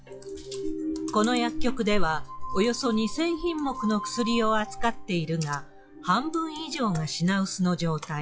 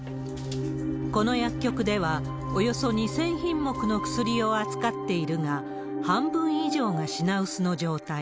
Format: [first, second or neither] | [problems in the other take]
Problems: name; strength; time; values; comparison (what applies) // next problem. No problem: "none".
second | noise reduction (classical method log-MMSE)